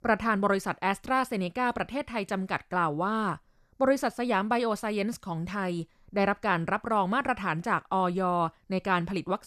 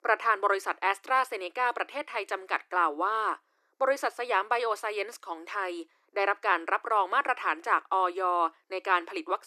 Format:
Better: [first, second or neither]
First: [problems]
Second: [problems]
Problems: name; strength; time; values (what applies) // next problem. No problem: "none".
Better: first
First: none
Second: thin; very; fading below 300 Hz